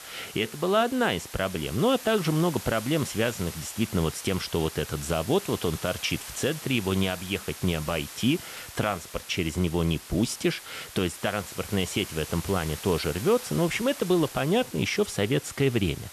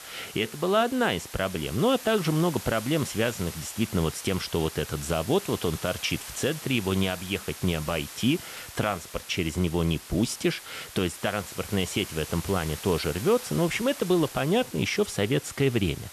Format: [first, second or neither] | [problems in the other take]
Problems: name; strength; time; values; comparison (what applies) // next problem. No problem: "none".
neither | hiss; noticeable; throughout; 10 dB below the speech; the same in both